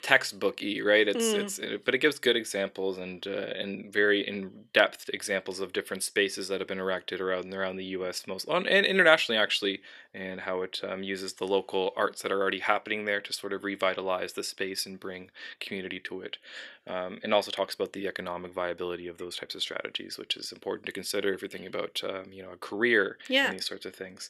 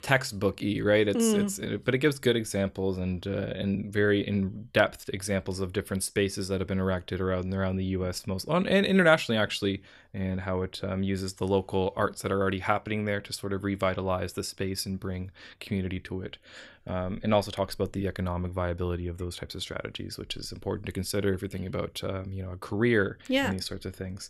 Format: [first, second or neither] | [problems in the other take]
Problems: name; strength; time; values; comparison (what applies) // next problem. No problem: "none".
second | thin; somewhat; fading below 350 Hz